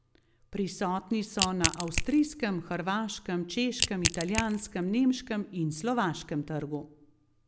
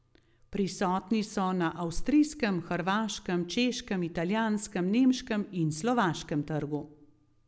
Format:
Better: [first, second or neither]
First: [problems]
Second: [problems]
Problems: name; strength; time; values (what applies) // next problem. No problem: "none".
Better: second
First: background sound (Crack / Crushing); 2 dB below the speech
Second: none